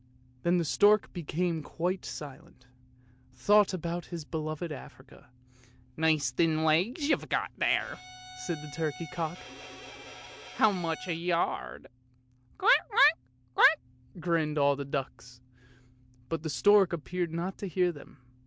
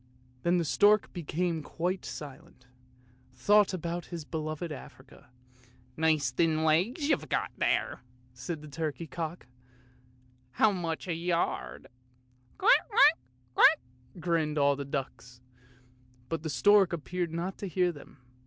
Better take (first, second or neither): second